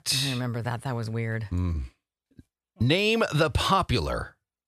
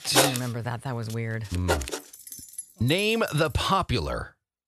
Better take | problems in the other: first | household noises; loud; until 3.5 s; 3 dB below the speech

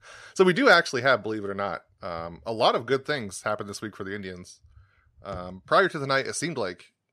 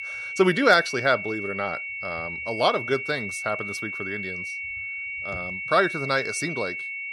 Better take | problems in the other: first | high-pitched whine; loud; throughout; 2 kHz, 6 dB below the speech

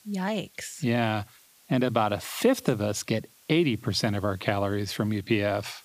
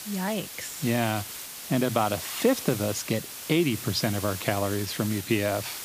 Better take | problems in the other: first | hiss; loud; throughout; 8 dB below the speech; faint in the first

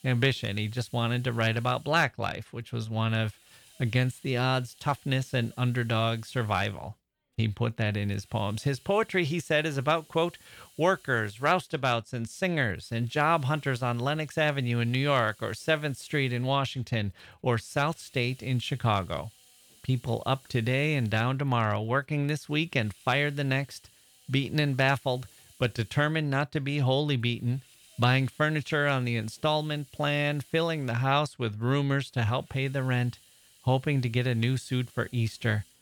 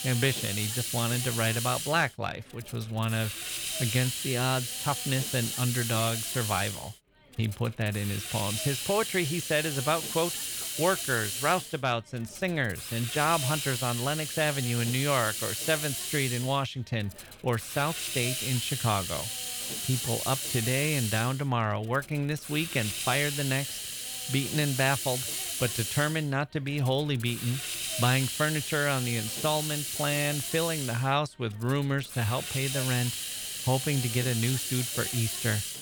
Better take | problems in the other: first | hiss; loud; throughout; 2 dB below the speech; faint in the first

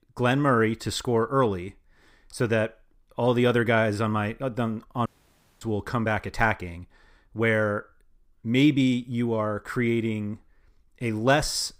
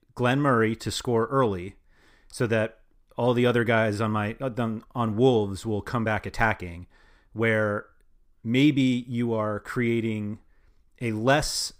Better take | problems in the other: second | audio cutting out; at 5 s for 0.5 s

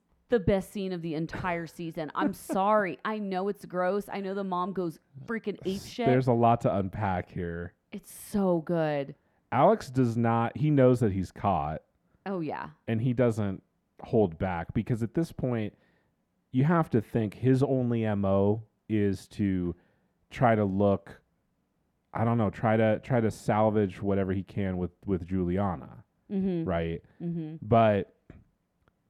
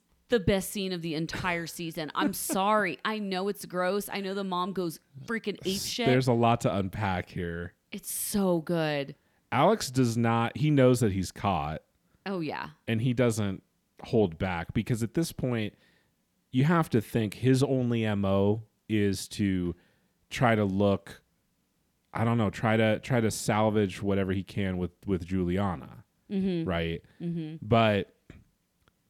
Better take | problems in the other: second | muffled; slightly; fading above 2.5 kHz

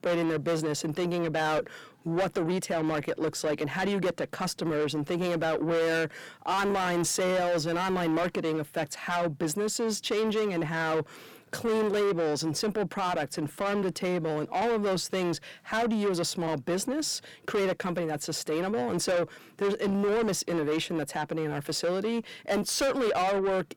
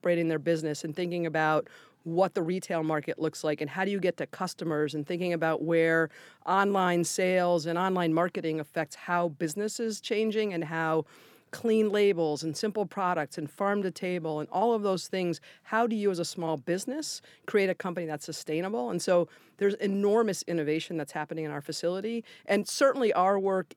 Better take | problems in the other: second | distortion; heavy; 7 dB below the speech

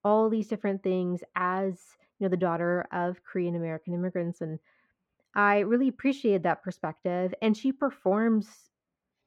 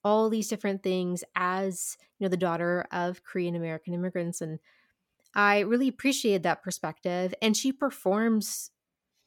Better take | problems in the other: second | muffled; very; fading above 4 kHz

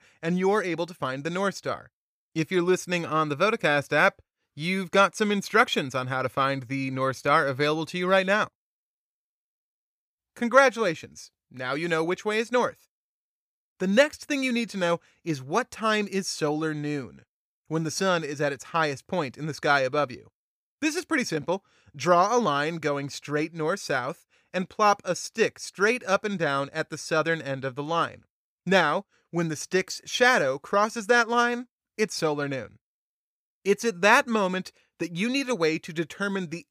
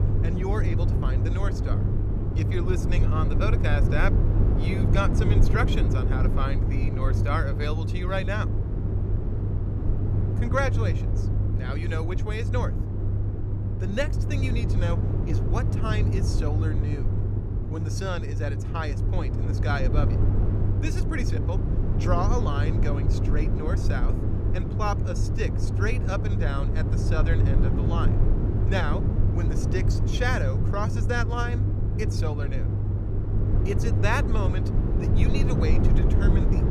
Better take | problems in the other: first | low rumble; loud; throughout; 4 dB below the speech

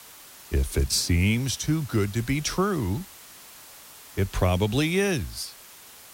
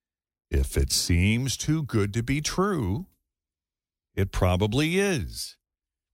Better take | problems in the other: second | hiss; noticeable; throughout; 20 dB below the speech

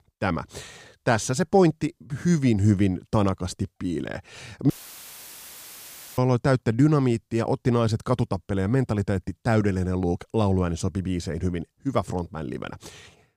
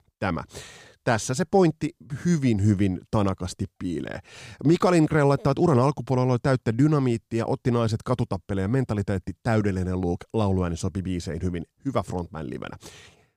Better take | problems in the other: second | audio cutting out; filled with static; at 4.5 s for 1.5 s

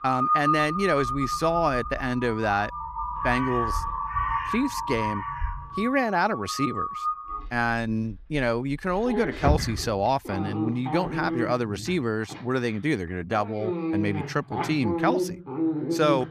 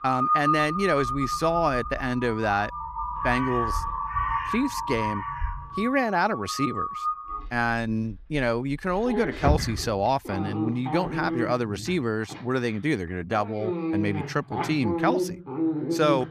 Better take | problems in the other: neither | animal sounds; loud; throughout; 3 dB below the speech; the same in both

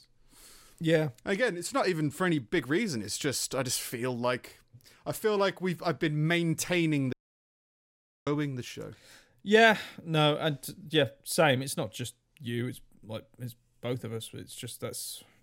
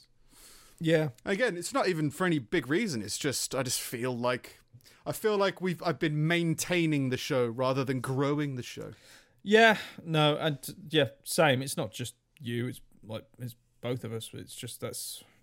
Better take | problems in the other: second | audio cutting out; at 7 s for 1 s

